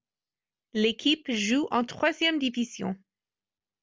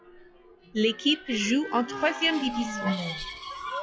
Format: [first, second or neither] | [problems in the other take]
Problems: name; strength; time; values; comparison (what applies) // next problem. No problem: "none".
first | noise reduction (classical method log-MMSE)